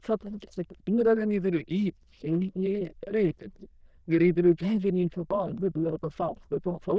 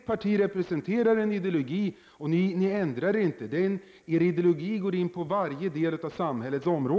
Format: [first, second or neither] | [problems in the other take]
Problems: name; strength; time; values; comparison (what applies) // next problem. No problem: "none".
second | noise reduction (neural diffusion model UNIVERSE++)